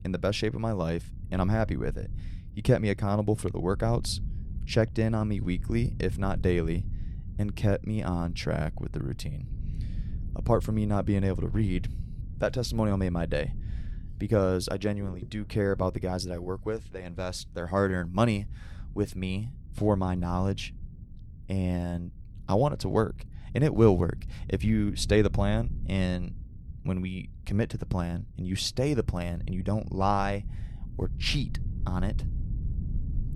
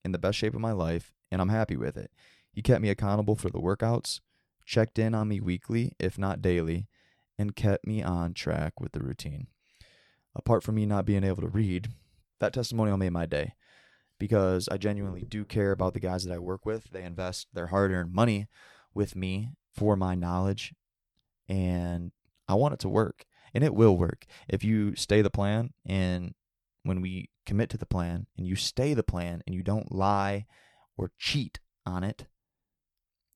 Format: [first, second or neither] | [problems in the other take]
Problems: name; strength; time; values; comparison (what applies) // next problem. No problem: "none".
second | low rumble; faint; throughout; 20 dB below the speech